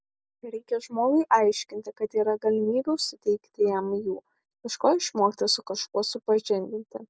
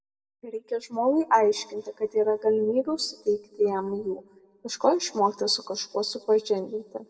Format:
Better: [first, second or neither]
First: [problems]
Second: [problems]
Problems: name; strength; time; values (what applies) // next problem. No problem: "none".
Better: first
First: none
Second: room echo; dies away in 0.7 s